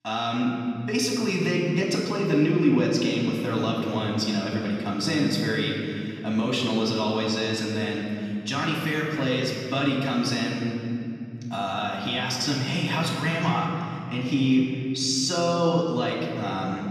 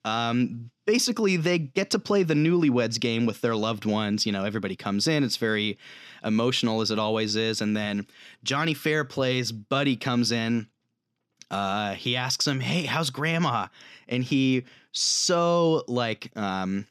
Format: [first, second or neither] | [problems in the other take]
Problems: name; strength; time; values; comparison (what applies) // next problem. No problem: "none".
second | off-mic speech; far // room echo; noticeable; dies away in 2.6 s